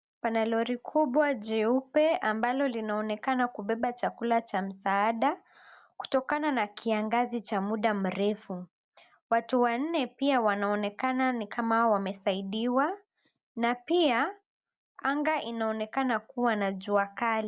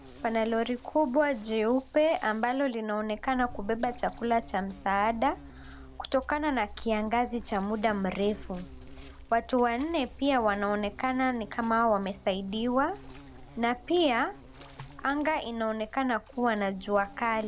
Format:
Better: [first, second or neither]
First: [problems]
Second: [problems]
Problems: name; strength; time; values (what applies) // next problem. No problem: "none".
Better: first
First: none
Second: background sound (Insect); 17 dB below the speech